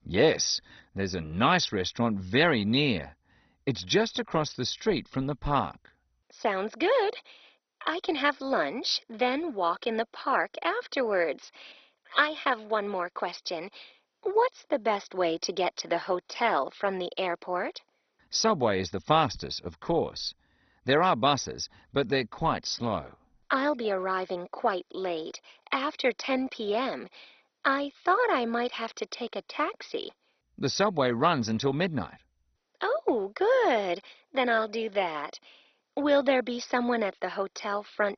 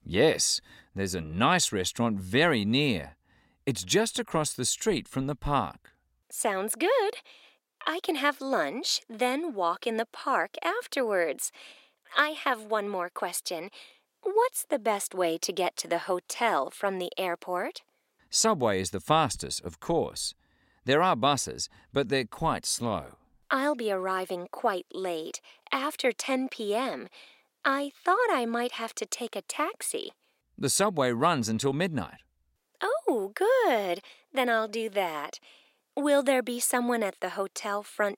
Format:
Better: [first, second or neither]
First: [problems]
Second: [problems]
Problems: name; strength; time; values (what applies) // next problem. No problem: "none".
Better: second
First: garbled, watery; badly; nothing above 6 kHz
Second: none